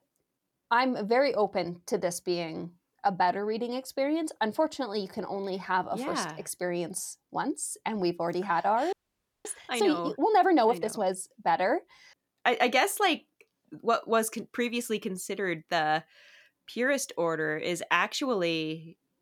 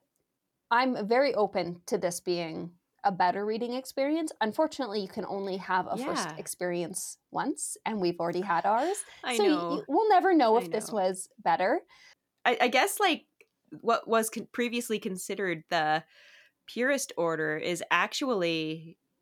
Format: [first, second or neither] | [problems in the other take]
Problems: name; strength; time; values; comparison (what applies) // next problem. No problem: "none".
second | audio freezing; at 9 s for 0.5 s